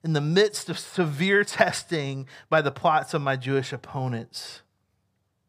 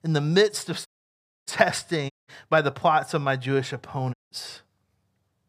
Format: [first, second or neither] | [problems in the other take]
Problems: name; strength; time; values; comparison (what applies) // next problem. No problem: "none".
first | audio cutting out; at 1 s for 0.5 s, at 2 s and at 4 s